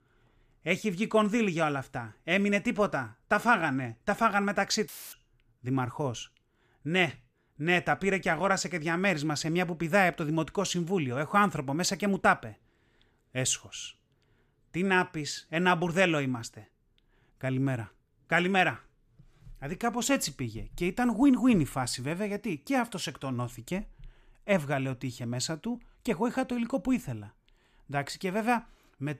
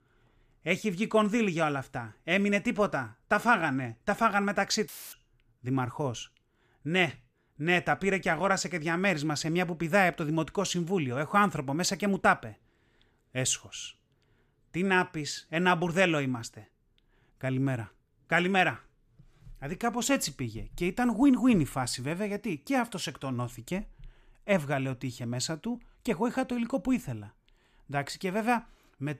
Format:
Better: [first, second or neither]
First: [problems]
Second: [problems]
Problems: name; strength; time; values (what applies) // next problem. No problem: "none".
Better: neither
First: audio cutting out; filled with static; at 5 s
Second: audio cutting out; filled with static; at 5 s